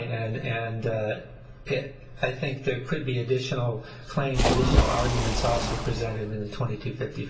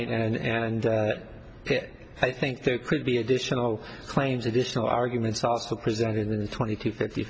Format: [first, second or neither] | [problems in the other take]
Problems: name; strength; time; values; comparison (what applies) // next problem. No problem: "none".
second | background sound (Splash, splatter); 4 dB above the speech // room echo; dies away in 0.3 s